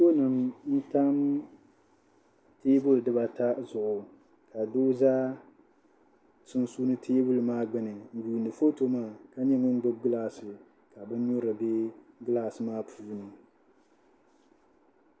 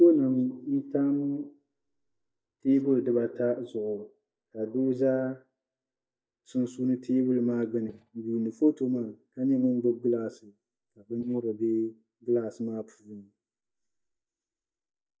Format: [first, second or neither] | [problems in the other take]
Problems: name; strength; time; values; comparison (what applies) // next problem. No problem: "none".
first | noise reduction (neural mask model DeepFilterNet 3)